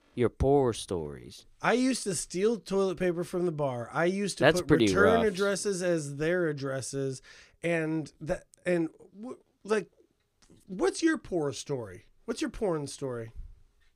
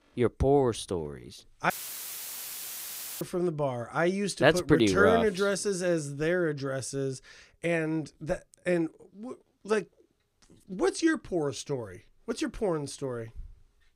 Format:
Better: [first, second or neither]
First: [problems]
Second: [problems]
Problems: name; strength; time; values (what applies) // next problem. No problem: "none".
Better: first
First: none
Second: audio cutting out; filled with static; at 1.5 s for 1.5 s